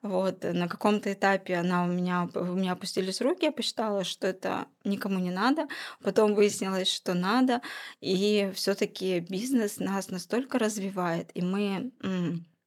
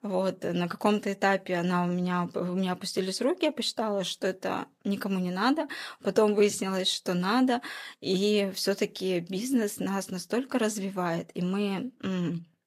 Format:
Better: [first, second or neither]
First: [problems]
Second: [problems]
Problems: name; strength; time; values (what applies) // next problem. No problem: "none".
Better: first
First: none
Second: garbled, watery; slightly